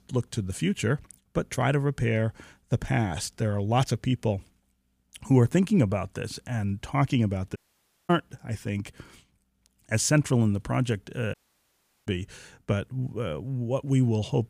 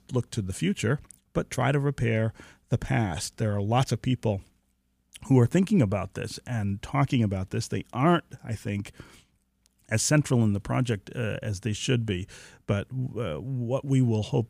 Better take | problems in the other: second | audio cutting out; at 7.5 s for 0.5 s and at 11 s for 0.5 s

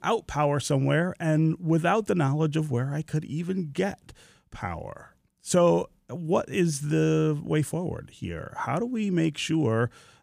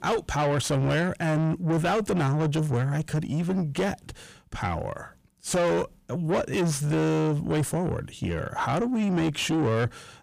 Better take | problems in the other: first | distortion; heavy; 6 dB below the speech

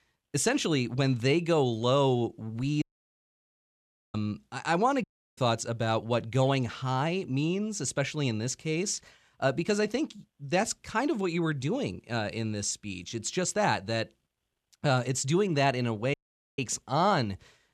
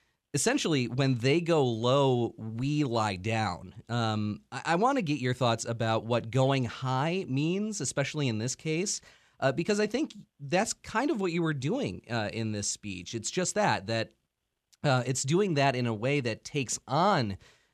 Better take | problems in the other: second | audio cutting out; at 3 s for 1.5 s, at 5 s and at 16 s

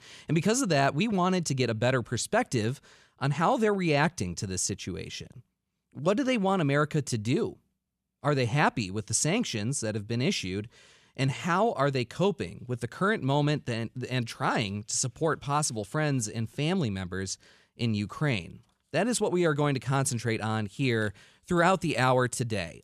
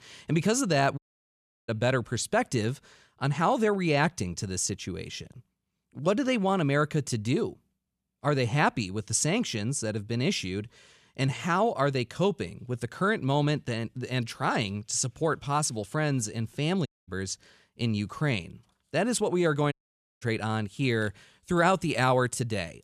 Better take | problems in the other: first | audio cutting out; at 1 s for 0.5 s, at 17 s and at 20 s

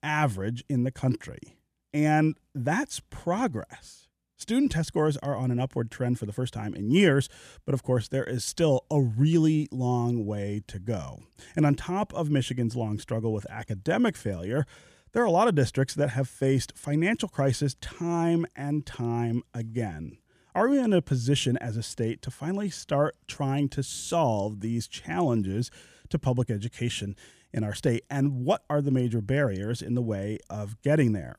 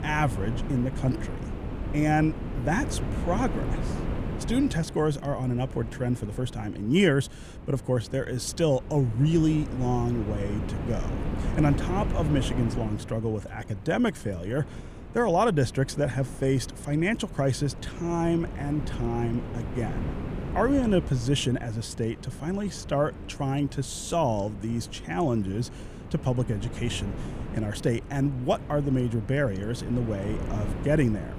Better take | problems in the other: first | wind noise on the microphone; occasional gusts; 10 dB below the speech

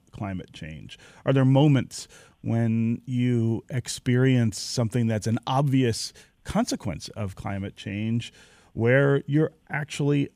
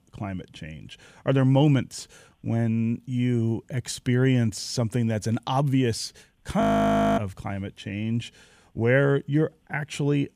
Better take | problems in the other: first | audio freezing; at 6.5 s for 0.5 s

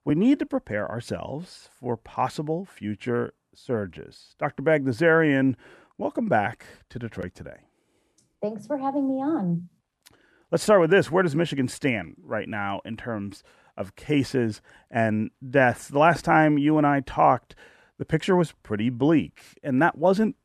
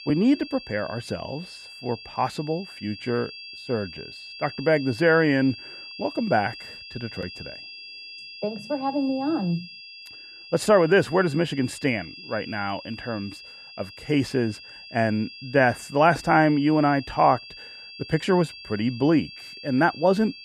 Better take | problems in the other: first | high-pitched whine; noticeable; throughout; 5 kHz, 15 dB below the speech

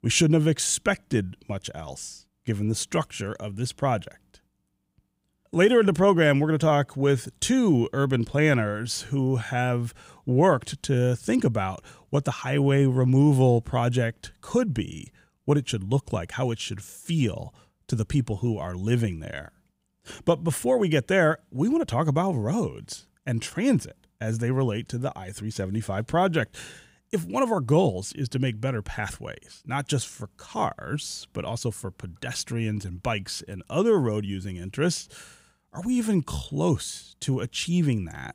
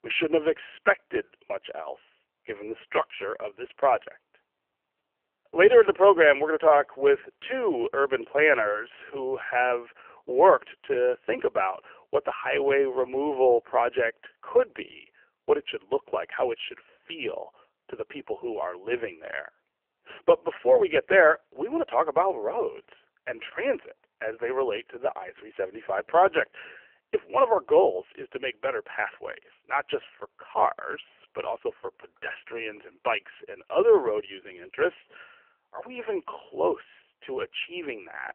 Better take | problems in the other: first | phone-call audio; poor line; nothing above 3 kHz

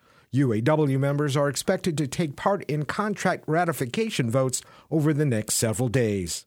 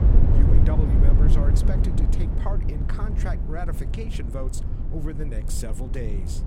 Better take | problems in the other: first | low rumble; loud; throughout; as loud as the speech

